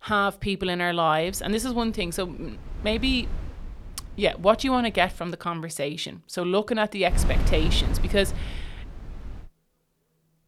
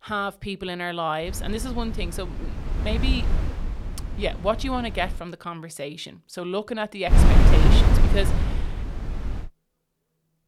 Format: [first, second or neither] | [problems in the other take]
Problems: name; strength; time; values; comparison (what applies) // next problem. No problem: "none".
first | wind noise on the microphone; heavy; from 1.5 to 5 s and from 7 to 9.5 s; 4 dB below the speech; occasional gusts in the first